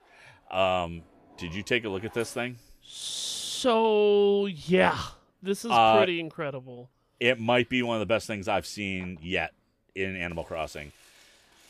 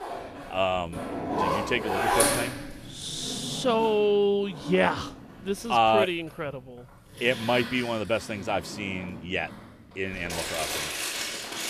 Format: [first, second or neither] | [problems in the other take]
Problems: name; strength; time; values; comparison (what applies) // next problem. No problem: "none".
first | household noises; loud; throughout; 3 dB below the speech; faint in the first